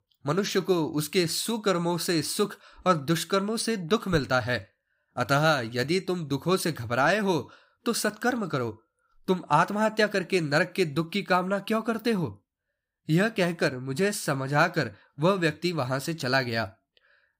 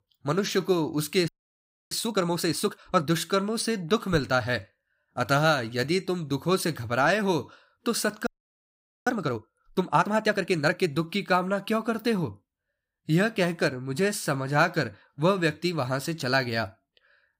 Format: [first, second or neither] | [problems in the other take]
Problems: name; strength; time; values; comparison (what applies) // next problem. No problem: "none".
first | audio freezing; at 1.5 s for 0.5 s and at 8.5 s for 1 s